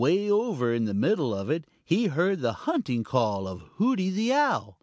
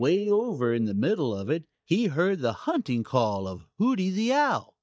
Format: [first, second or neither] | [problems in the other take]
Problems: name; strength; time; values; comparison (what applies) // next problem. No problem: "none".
first | noise reduction (neural mask model DeepFilterNet 3)